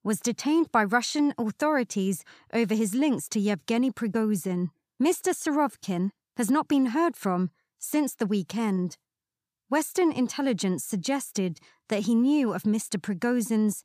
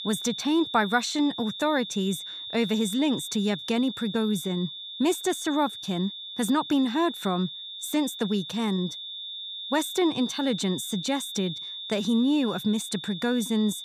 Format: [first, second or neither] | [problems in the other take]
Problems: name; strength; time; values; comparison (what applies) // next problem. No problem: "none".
first | high-pitched whine; loud; throughout; 3.5 kHz, 8 dB below the speech